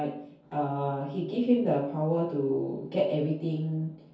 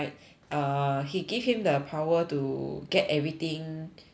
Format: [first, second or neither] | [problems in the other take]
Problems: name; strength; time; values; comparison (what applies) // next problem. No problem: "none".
second | room echo; dies away in 0.6 s